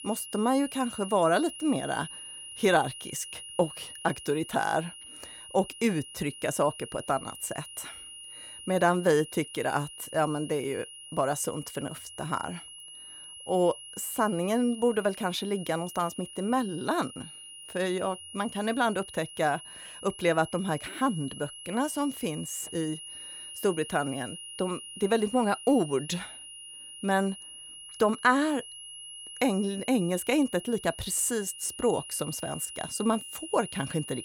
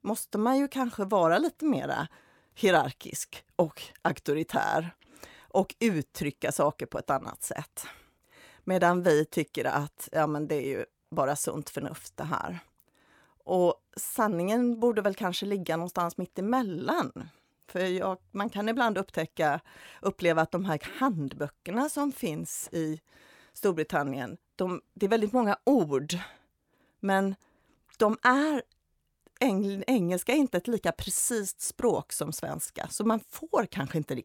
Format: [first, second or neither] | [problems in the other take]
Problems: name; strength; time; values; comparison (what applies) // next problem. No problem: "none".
second | high-pitched whine; noticeable; throughout; 3 kHz, 10 dB below the speech